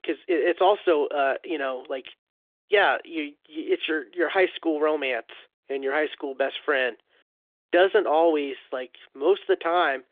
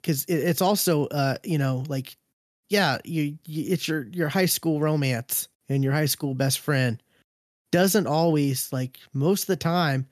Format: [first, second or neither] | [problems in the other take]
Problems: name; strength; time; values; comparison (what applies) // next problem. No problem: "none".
second | phone-call audio; nothing above 3.5 kHz